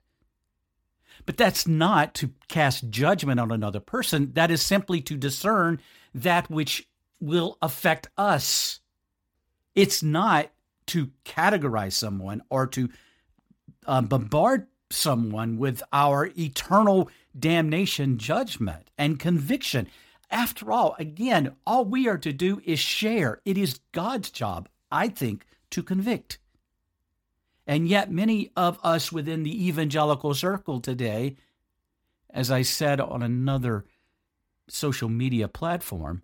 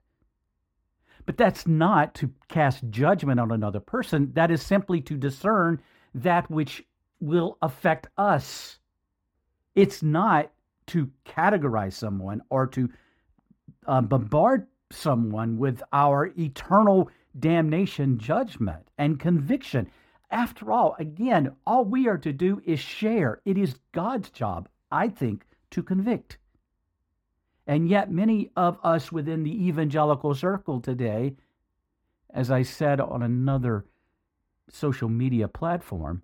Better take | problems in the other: first | muffled; very; fading above 2.5 kHz

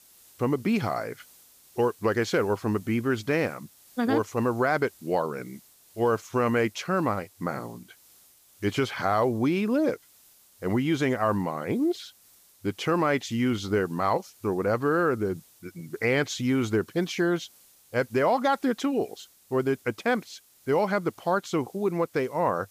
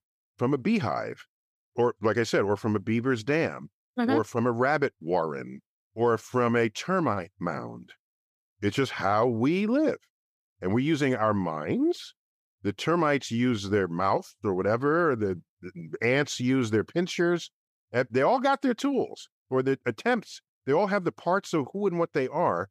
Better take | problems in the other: second | hiss; faint; throughout; 25 dB below the speech

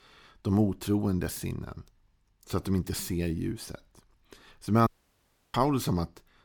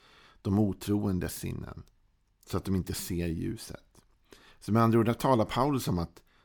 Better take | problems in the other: second | audio cutting out; at 5 s for 0.5 s

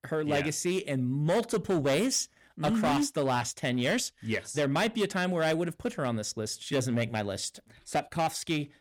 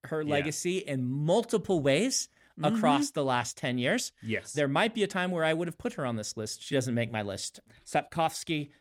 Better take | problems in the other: second | distortion; slight; 8% of the sound clipped

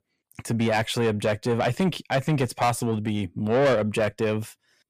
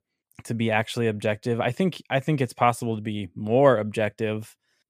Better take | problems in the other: second | distortion; heavy; 7 dB below the speech

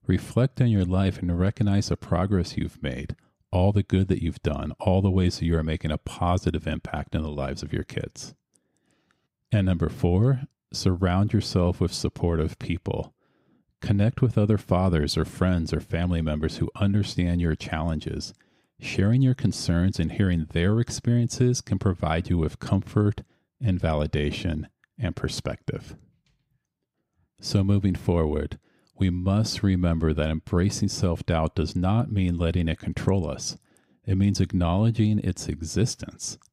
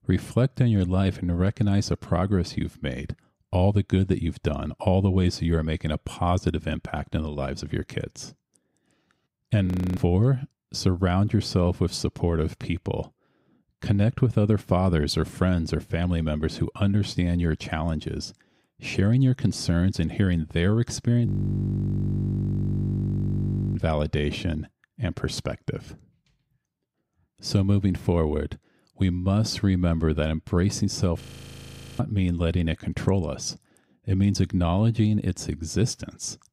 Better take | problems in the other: first | audio freezing; at 9.5 s, at 21 s for 2.5 s and at 31 s for 1 s

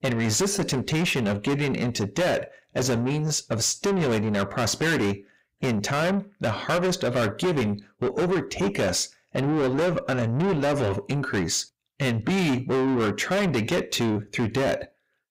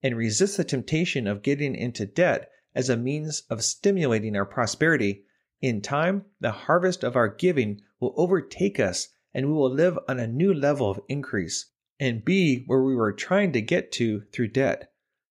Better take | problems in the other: second | distortion; heavy; 6 dB below the speech

